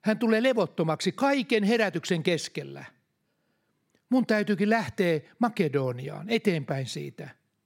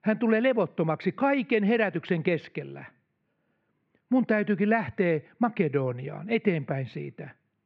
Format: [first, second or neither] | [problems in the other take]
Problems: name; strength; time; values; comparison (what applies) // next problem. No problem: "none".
first | muffled; very; fading above 2.5 kHz